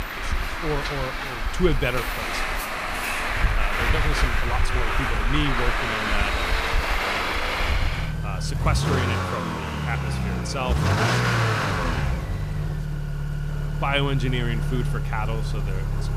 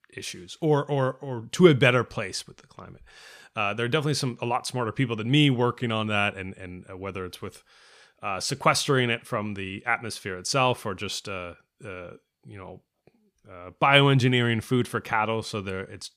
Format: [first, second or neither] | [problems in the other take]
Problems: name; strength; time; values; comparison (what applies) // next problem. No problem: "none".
second | traffic noise; very loud; throughout; 5 dB above the speech